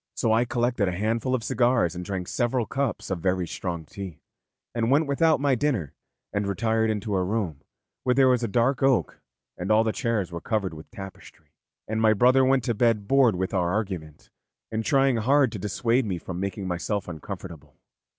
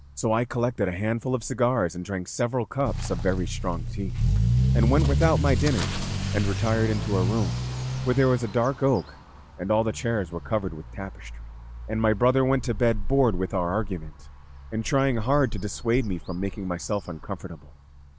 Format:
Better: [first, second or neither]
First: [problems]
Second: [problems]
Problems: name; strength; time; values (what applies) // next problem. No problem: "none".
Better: first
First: none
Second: background sound (Accelerating, revving, vroom / Motor vehicle (road)); 3 dB below the speech